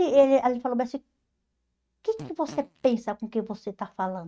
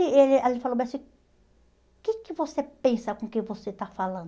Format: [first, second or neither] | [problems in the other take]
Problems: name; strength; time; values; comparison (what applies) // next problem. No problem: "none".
second | noise reduction (neural mask model RNNoise)